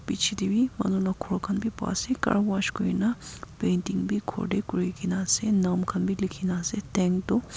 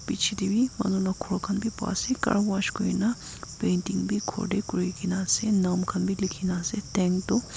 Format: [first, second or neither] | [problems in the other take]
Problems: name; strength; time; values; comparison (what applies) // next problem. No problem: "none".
first | background sound (Cricket + Whoosh, swoosh, swish); 17 dB below the speech